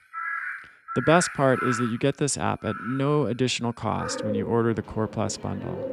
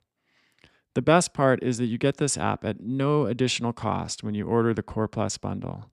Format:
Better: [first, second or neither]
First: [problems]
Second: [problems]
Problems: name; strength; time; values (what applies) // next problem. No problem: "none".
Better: second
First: animal sounds; loud; throughout; 8 dB below the speech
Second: none